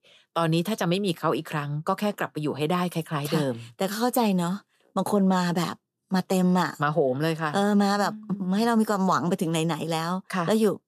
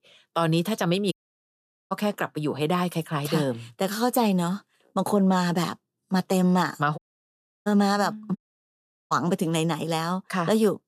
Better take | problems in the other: first | audio cutting out; at 1 s for 1 s, at 7 s for 0.5 s and at 8.5 s for 1 s

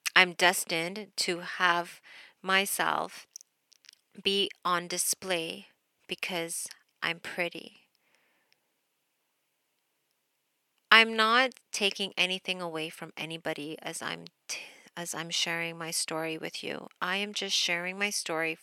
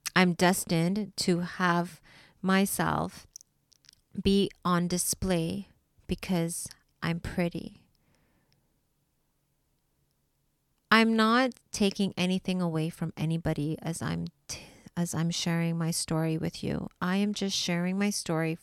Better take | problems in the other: second | thin; very; fading below 450 Hz

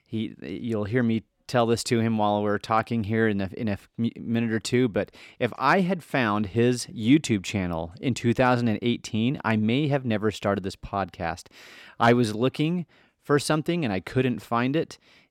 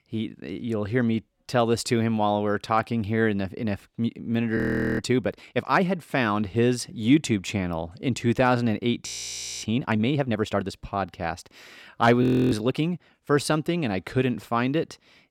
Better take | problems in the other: first | audio freezing; at 4.5 s, at 9 s for 0.5 s and at 12 s

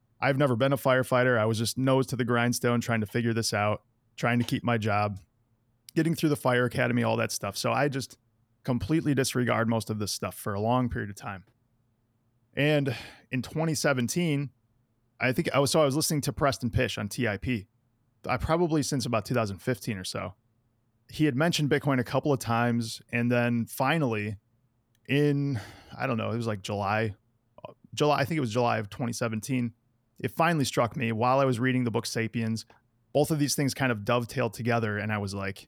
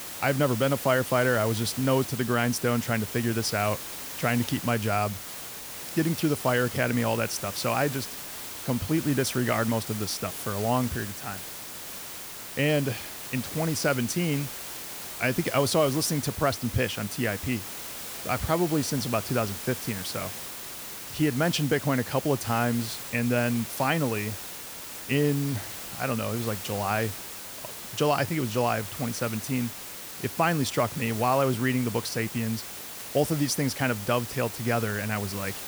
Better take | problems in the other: first | hiss; loud; throughout; 8 dB below the speech

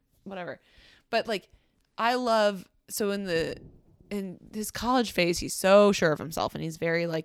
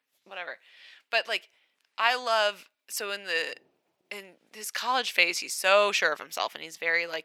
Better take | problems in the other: first | thin; very; fading below 650 Hz

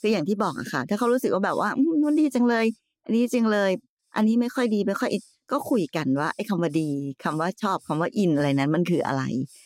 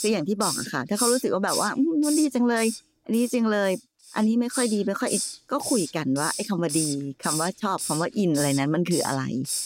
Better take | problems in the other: first | hiss; loud; throughout; 5 dB below the speech; faint in the first

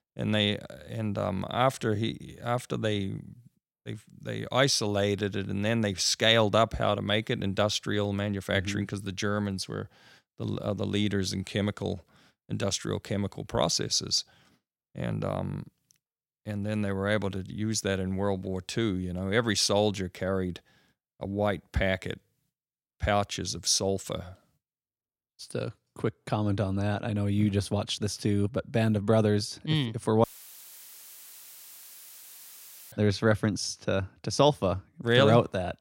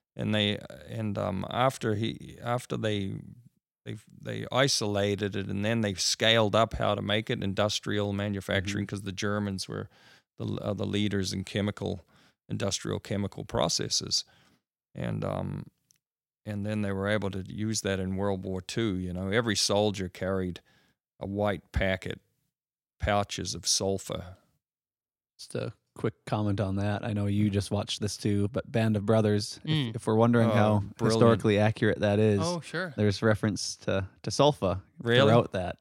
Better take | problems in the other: second | audio cutting out; filled with static; at 30 s for 2.5 s

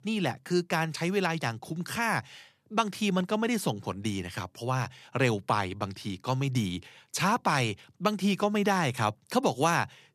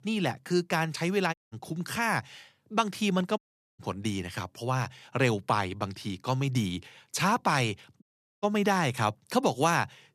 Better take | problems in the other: first | audio cutting out; at 1.5 s, at 3.5 s and at 8 s

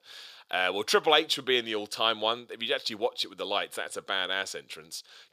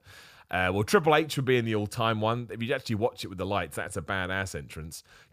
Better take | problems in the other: second | thin; somewhat; fading below 450 Hz

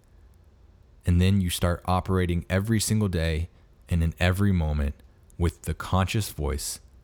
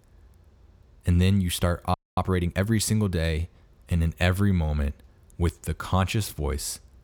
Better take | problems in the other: first | audio freezing; at 2 s

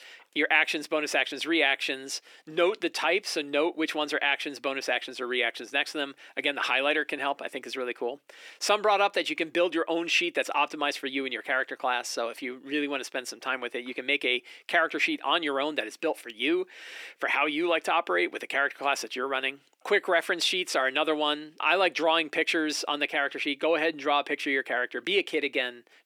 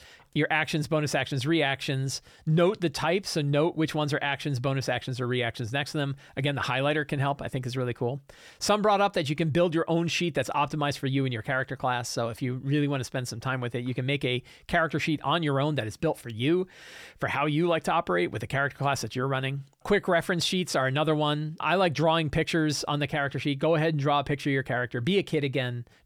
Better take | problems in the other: second | thin; somewhat; fading below 300 Hz

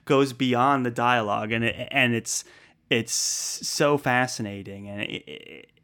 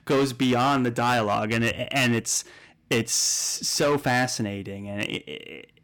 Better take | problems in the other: first | distortion; heavy; 10% of the sound clipped

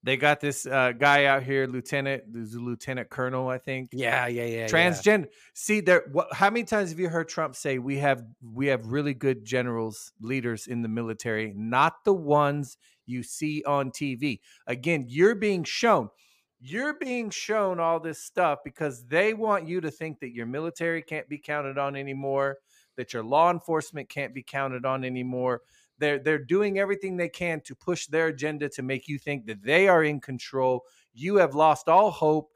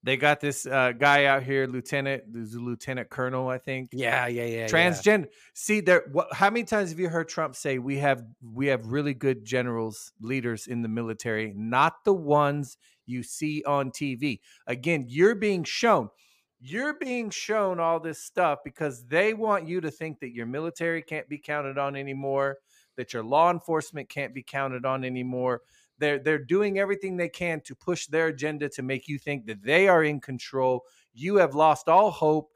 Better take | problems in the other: neither | none

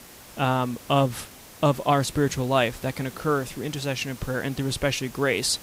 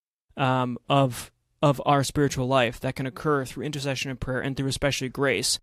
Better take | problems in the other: second | hiss; noticeable; throughout; 20 dB below the speech

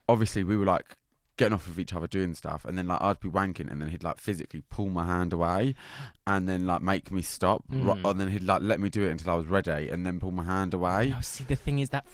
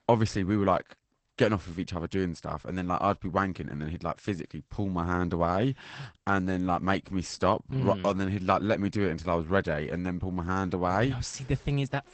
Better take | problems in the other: first | garbled, watery; badly; nothing above 8 kHz; slightly in the first

